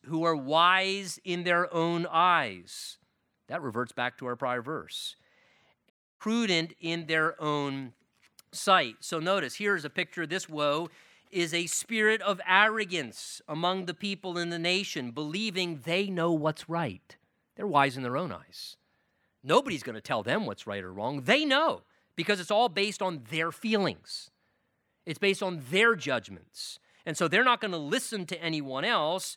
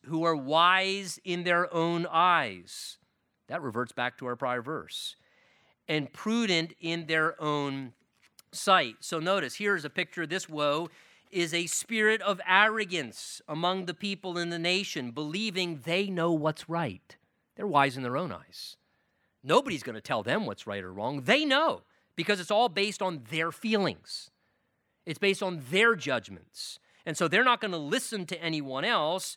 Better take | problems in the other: second | audio cutting out; at 6 s

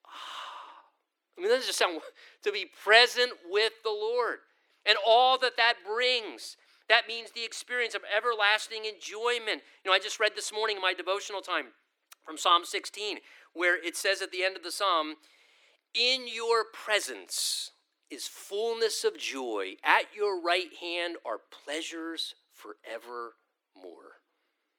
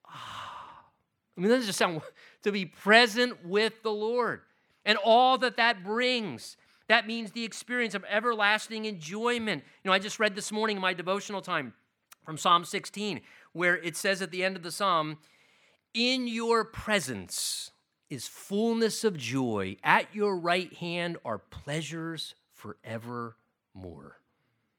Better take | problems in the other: second | thin; very; fading below 300 Hz

